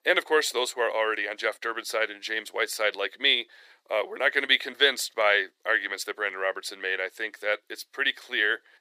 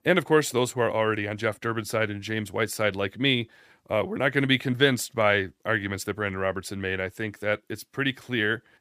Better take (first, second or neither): second